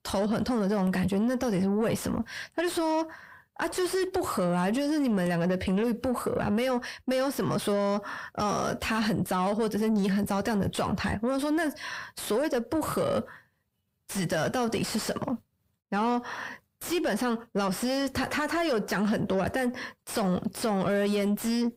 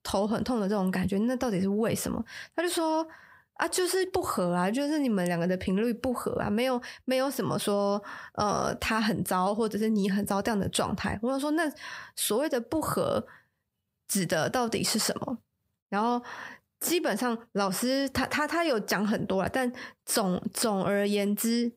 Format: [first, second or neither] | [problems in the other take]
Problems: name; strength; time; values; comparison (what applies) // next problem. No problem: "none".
second | distortion; slight; 10 dB below the speech